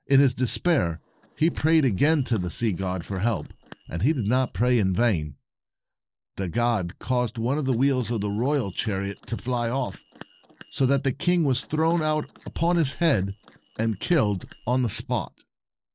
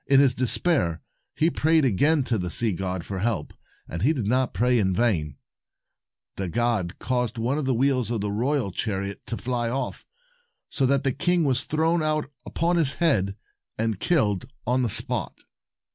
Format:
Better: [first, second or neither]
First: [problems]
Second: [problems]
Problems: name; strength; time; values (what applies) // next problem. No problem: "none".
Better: second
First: noise reduction (neural separator model SepFormer DNS4)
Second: none